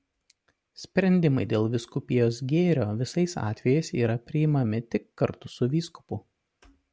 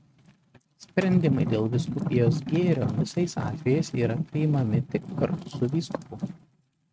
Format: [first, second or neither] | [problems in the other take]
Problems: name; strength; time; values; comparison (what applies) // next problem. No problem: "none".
first | noise reduction (neural mask model RNNoise)